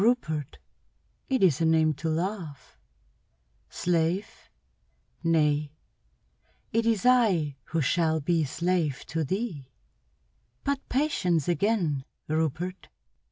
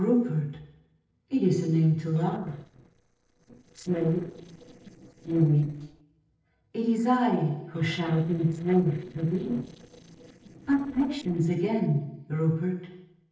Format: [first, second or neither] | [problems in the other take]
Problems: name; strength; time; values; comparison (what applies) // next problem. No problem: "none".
first | noise reduction (neural separator model SepFormer DNS4)